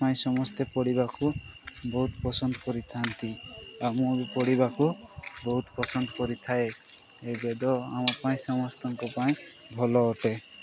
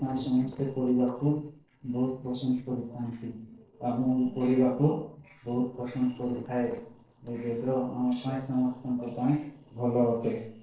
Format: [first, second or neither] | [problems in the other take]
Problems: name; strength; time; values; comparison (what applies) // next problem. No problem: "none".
first | noise reduction (neural separator model SepFormer DNS4)